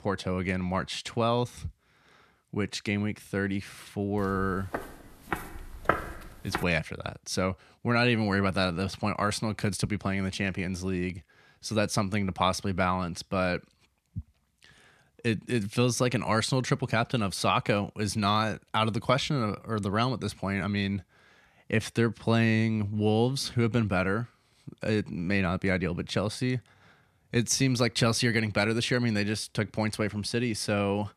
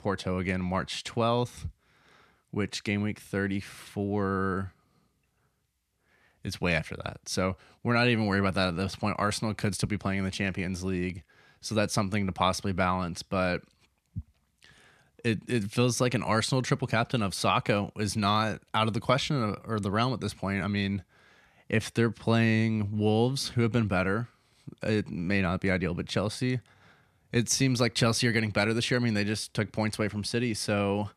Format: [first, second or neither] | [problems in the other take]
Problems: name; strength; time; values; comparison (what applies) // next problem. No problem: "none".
second | footsteps; noticeable; from 4.5 to 6.5 s; peak 1 dB below the speech